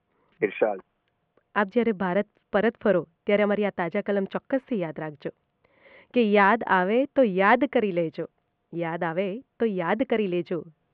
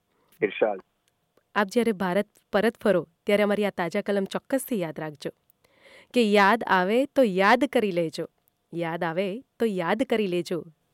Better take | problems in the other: second | muffled; very; fading above 2.5 kHz

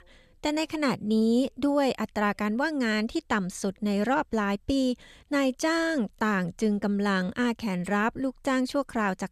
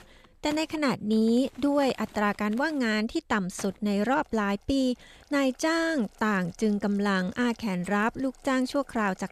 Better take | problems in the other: first | household noises; faint; throughout; 25 dB below the speech

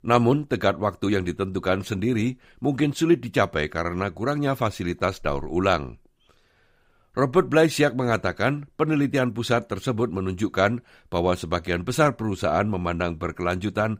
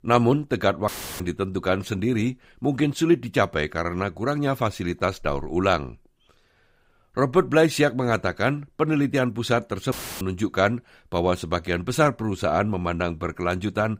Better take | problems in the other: first | audio cutting out; filled with static; at 1 s and at 10 s

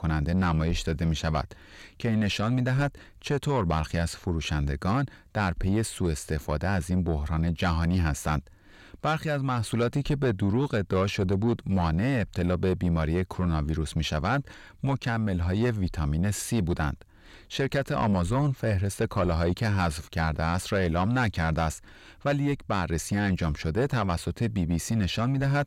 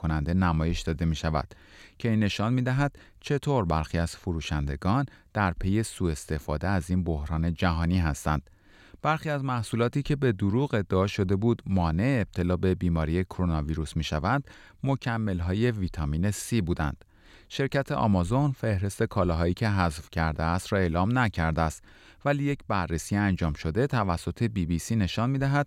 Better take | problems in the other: second | distortion; slight; 10 dB below the speech

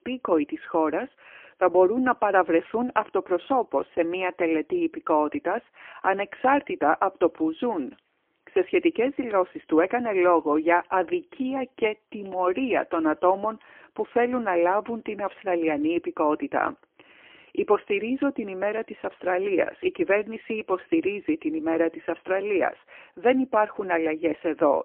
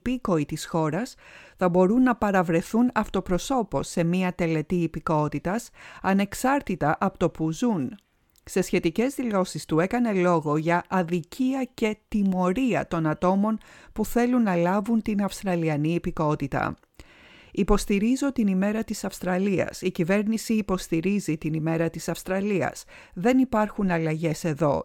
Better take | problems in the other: second | phone-call audio; poor line

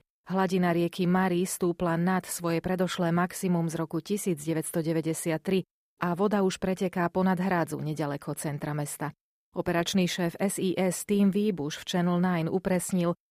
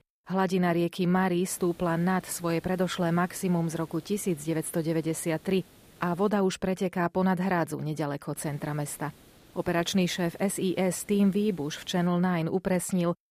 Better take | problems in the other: first | hiss; faint; from 1.5 to 6.5 s and from 8.5 to 12 s; 25 dB below the speech

